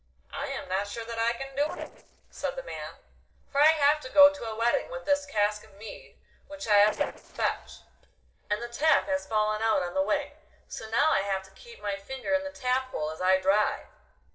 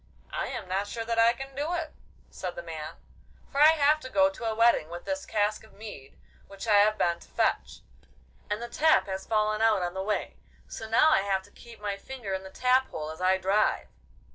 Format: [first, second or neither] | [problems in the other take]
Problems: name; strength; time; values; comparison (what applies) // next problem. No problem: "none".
second | noise reduction (neural separator model SepFormer DNS4)